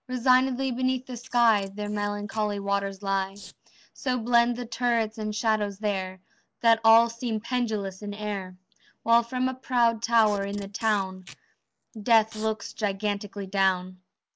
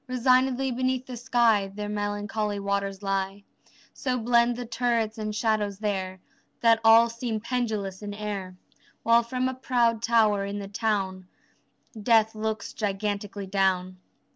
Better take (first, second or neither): second